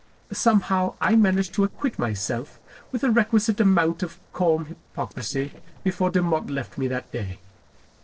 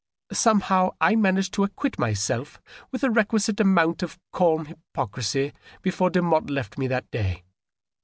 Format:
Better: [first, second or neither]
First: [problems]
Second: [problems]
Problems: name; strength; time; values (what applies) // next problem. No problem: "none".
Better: second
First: noise reduction (neural separator model SepFormer DNS4)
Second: none